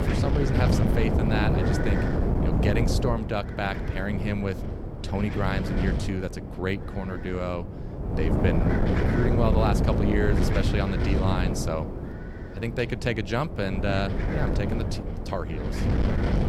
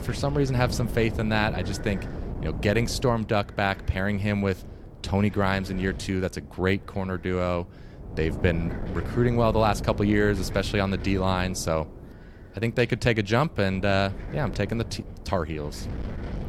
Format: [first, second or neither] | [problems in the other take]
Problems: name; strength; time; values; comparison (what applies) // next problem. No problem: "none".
second | wind noise on the microphone; heavy; 2 dB below the speech; occasional gusts in the second